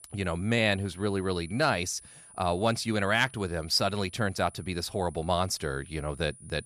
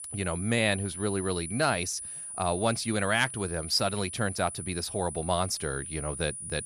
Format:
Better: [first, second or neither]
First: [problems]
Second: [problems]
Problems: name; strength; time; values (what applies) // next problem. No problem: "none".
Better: first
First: high-pitched whine; faint; throughout; 10 kHz, 20 dB below the speech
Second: high-pitched whine; loud; throughout; 10 kHz, 8 dB below the speech